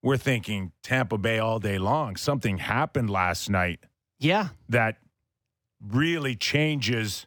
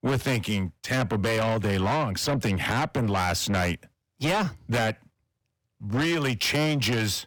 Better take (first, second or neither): first